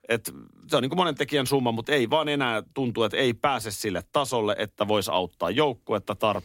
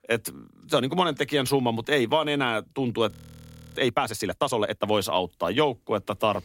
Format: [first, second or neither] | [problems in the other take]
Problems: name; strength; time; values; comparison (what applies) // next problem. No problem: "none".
first | audio freezing; at 3 s for 0.5 s